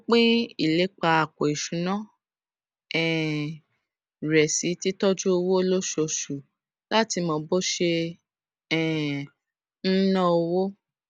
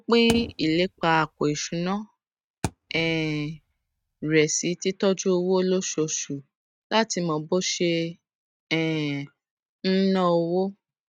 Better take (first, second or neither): first